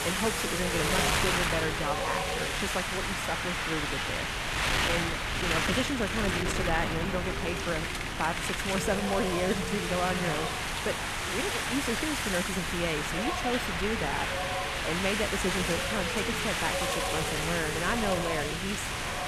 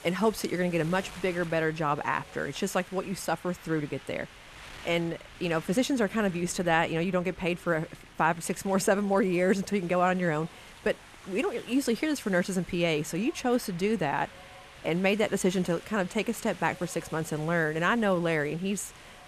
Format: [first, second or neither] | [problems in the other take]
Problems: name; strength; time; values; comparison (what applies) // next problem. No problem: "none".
second | wind noise on the microphone; heavy; 5 dB above the speech; occasional gusts in the second